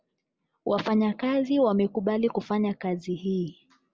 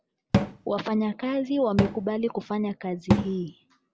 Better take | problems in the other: first | background sound (Cupboard open or close / Drawer open or close); 2 dB below the speech

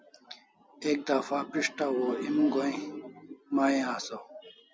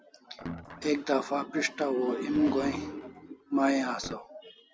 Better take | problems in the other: first | background sound (Guitar); 14 dB below the speech

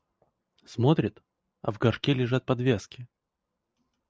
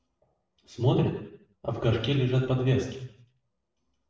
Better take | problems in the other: first | room echo; dies away in 0.7 s

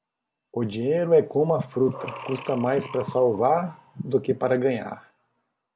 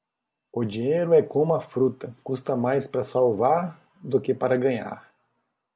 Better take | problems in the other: second | background sound (Breathing); 13 dB below the speech

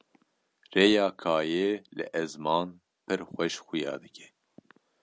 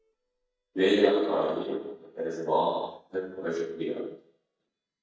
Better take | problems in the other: first | noise reduction (neural mask model DeepFilterNet 3)

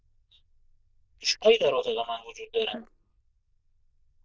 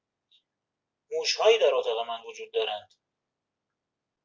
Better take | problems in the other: second | noise reduction (neural diffusion model UNIVERSE++)

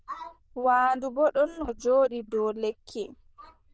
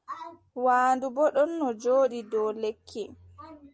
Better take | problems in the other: second | noise reduction (neural diffusion model UNIVERSE++)

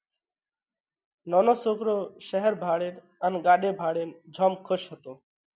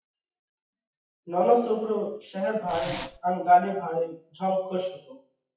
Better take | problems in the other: first | noise reduction (classical method WPE with log-MMSE)

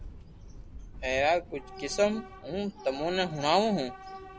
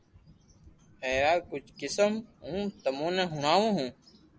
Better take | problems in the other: second | background sound (Subway, metro, underground / Train); 14 dB below the speech

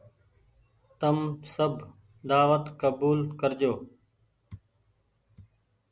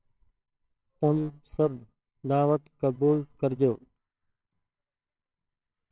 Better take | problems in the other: first | noise reduction (neural separator model SepFormer WHAMR!)

